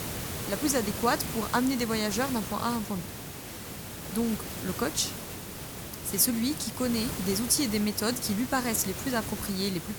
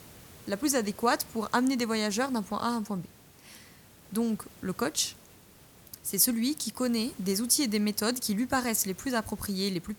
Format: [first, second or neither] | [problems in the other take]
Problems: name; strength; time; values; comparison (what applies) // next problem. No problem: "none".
second | hiss; loud; throughout; 7 dB below the speech; faint in the second